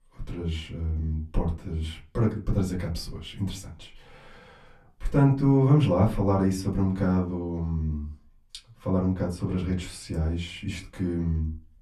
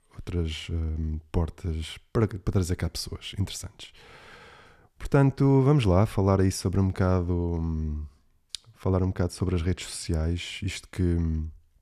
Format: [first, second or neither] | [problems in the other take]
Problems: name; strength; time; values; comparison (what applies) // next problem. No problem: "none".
second | off-mic speech; far // room echo; very slight; dies away in 0.3 s